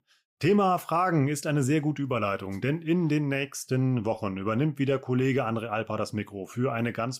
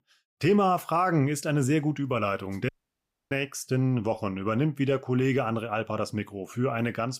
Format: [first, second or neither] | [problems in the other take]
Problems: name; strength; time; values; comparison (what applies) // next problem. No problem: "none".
first | audio cutting out; at 2.5 s for 0.5 s